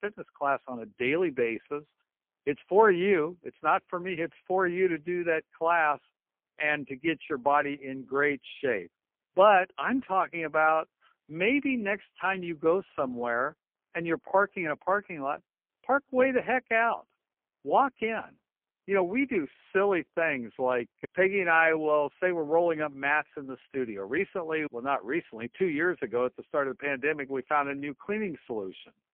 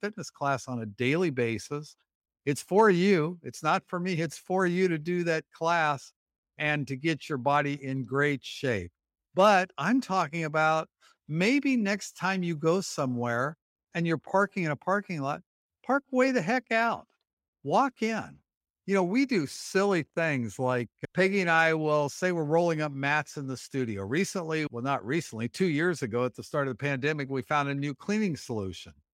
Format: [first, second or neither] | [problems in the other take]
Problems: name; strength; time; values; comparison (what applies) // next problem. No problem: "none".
second | phone-call audio; poor line